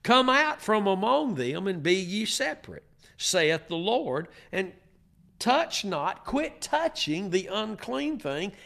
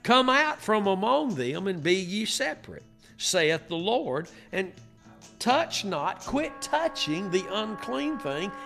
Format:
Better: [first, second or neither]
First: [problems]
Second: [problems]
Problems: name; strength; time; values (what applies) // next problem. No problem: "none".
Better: first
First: none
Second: background music; noticeable; throughout; 20 dB below the speech